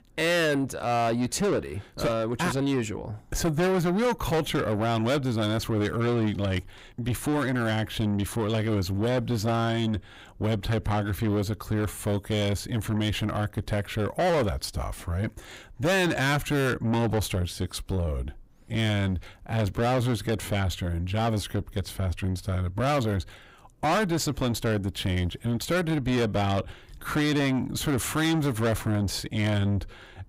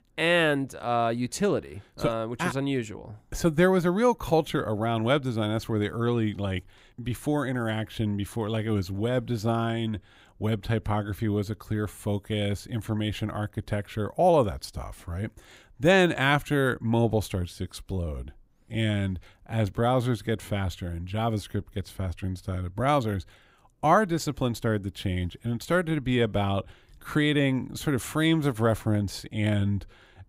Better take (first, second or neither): second